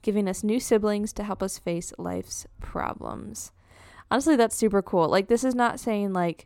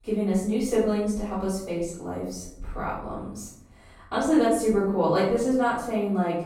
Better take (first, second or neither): first